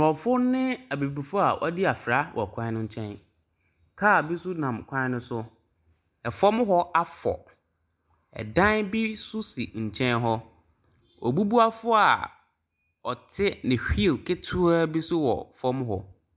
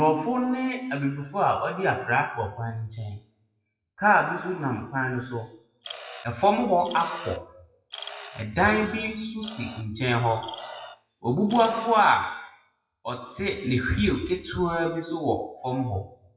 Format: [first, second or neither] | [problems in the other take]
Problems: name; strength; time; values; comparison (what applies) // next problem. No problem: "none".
first | noise reduction (classical method WPE with log-MMSE)